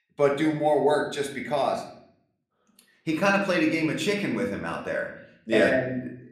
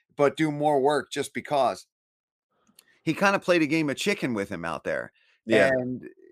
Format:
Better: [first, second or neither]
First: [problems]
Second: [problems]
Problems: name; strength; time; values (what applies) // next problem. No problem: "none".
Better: second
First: room echo; slight; dies away in 0.6 s // off-mic speech; somewhat distant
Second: none